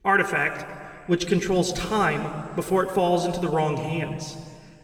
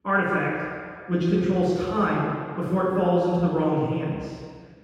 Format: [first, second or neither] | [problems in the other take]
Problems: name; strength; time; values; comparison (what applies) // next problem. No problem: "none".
first | room echo; strong; dies away in 1.8 s; slight in the first // off-mic speech; far; somewhat distant in the first